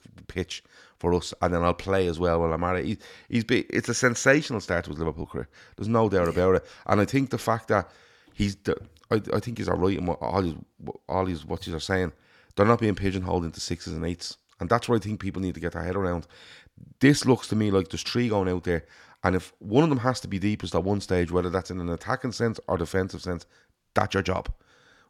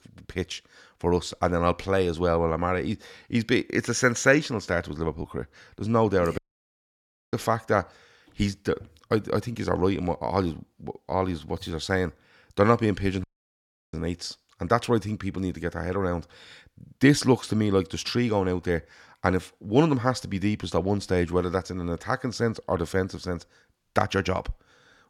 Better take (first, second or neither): first